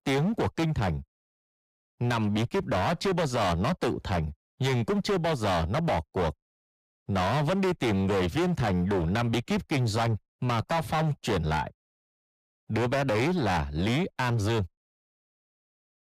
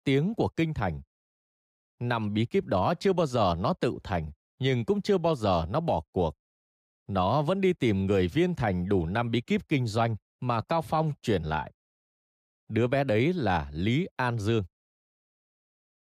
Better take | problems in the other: second | distortion; heavy; 21% of the sound clipped

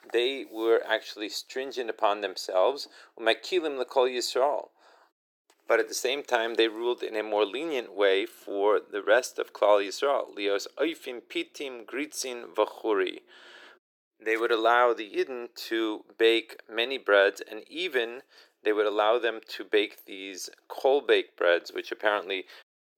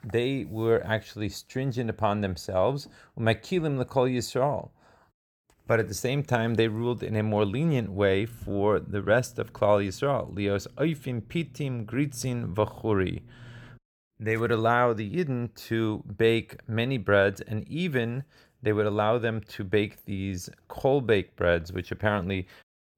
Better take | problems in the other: second | thin; very; fading below 350 Hz

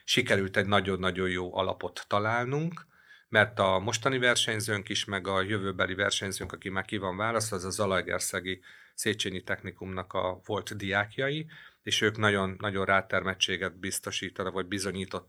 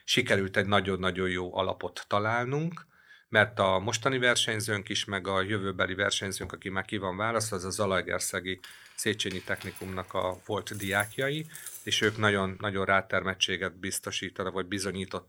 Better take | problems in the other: first | jangling keys; faint; from 8.5 to 12 s; peak 10 dB below the speech

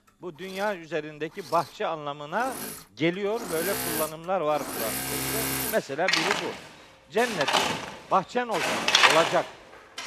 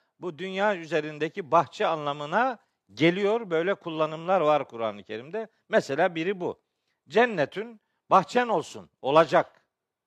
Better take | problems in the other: second | machinery noise; very loud; throughout; 3 dB above the speech

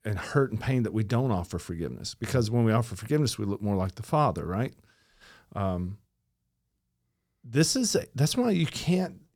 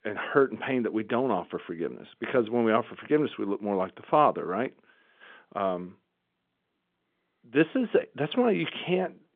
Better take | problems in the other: first | phone-call audio; nothing above 3.5 kHz

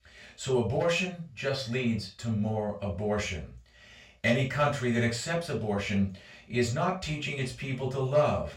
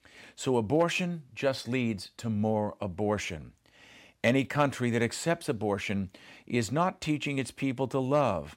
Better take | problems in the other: second | room echo; slight; dies away in 0.2 s // off-mic speech; far

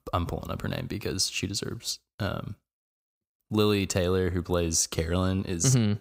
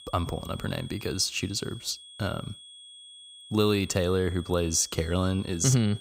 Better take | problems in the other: first | high-pitched whine; noticeable; throughout; 3.5 kHz, 20 dB below the speech

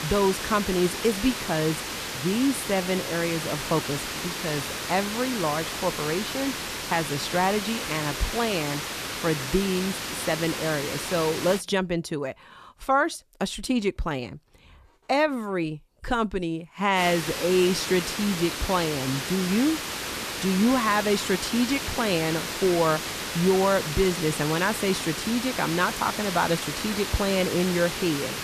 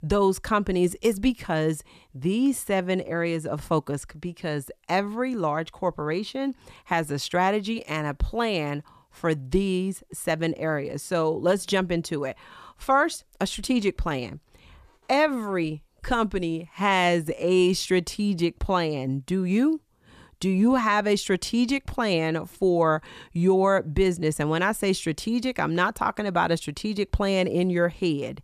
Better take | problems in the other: second | hiss; loud; until 12 s and from 17 s on; 4 dB below the speech

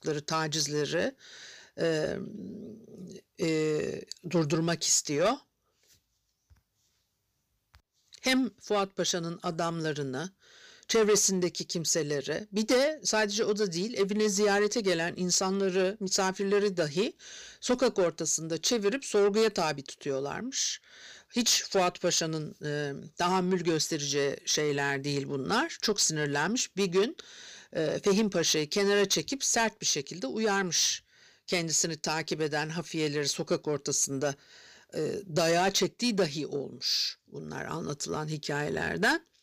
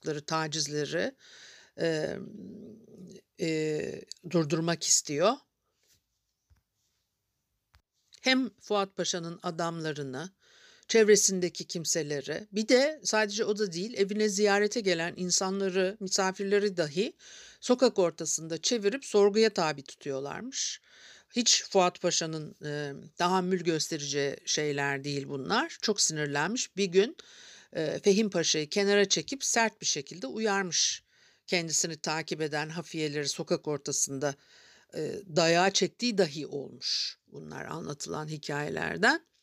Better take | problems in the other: second | distortion; slight; 10 dB below the speech

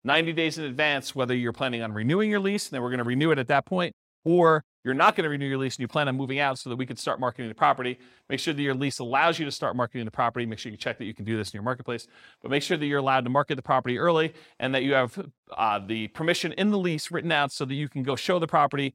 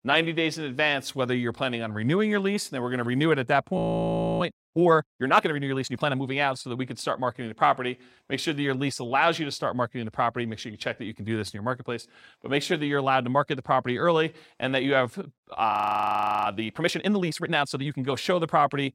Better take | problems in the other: first | audio freezing; at 4 s for 0.5 s and at 16 s for 0.5 s

